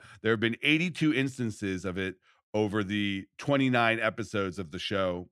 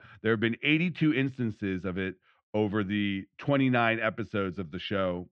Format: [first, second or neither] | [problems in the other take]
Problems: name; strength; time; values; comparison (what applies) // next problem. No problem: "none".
first | muffled; slightly; fading above 3.5 kHz